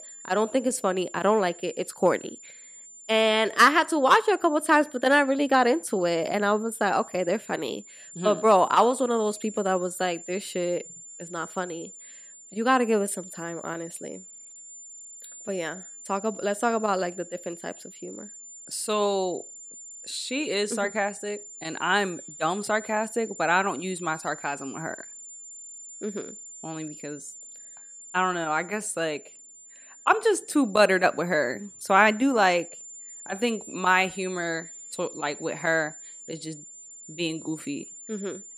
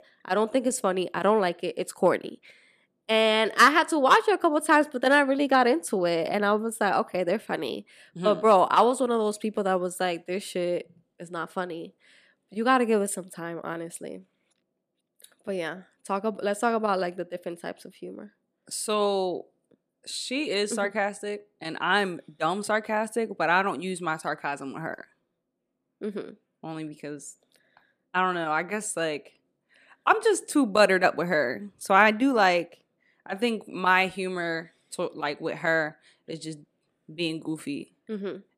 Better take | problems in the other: second | high-pitched whine; noticeable; throughout; 7 kHz, 15 dB below the speech

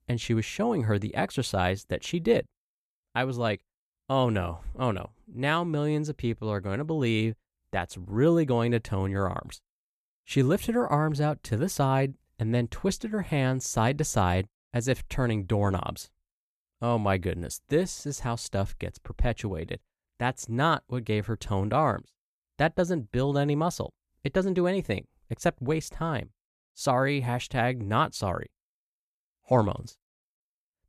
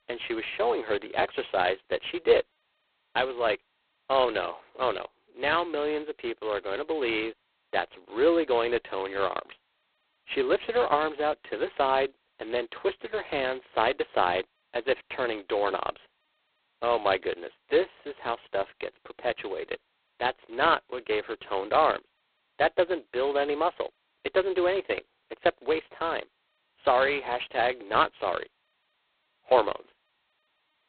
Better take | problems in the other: first | phone-call audio; poor line; nothing above 4 kHz

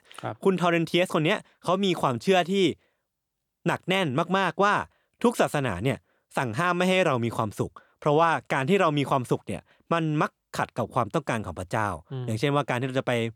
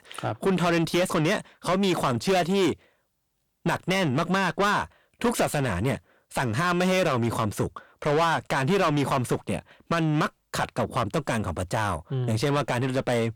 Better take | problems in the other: first | distortion; heavy; 6 dB below the speech

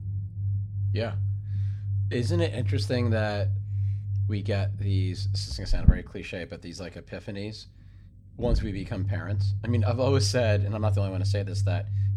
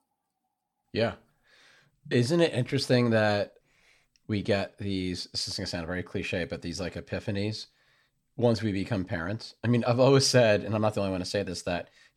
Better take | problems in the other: second | low rumble; noticeable; throughout; 10 dB below the speech

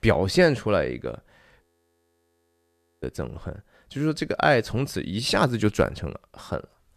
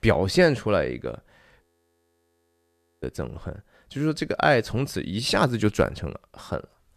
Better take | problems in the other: neither | audio freezing; at 1.5 s for 1.5 s; the same in both

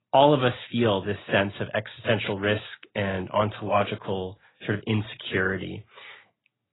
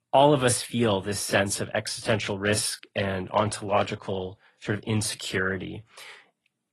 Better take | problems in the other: second | garbled, watery; badly; nothing above 4 kHz; slightly in the second

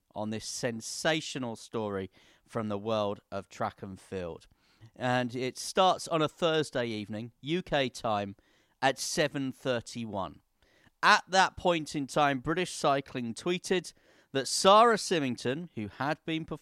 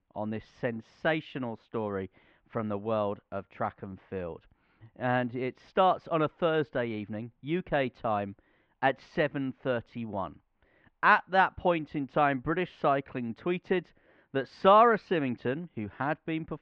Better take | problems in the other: first | muffled; very; fading above 2.5 kHz

